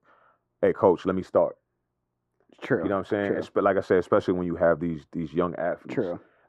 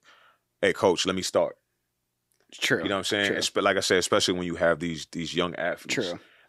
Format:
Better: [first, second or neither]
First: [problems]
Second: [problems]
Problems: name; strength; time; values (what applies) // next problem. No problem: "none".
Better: second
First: muffled; very; fading above 2 kHz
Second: none